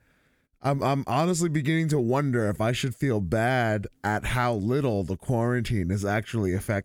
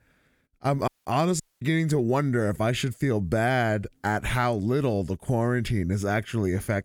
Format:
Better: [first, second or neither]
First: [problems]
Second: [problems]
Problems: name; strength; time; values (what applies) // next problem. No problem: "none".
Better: first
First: none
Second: audio cutting out; at 1 s and at 1.5 s